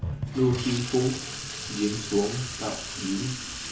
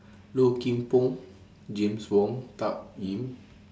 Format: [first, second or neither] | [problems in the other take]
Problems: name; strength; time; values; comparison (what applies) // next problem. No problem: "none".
second | background sound (Sink (filling or washing) / Water tap, faucet); 6 dB below the speech // room echo; dies away in 0.2 s